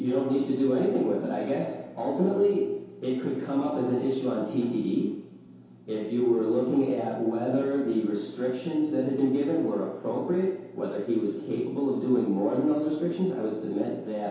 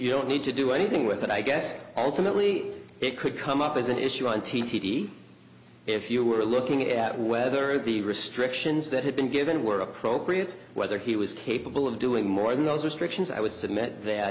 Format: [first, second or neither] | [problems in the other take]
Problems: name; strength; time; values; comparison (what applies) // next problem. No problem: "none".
second | room echo; dies away in 0.8 s